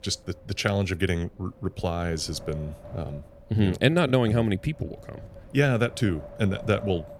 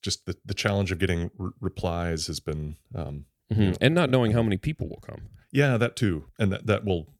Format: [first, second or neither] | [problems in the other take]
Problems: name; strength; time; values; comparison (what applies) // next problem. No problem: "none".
second | wind noise on the microphone; occasional gusts; 15 dB below the speech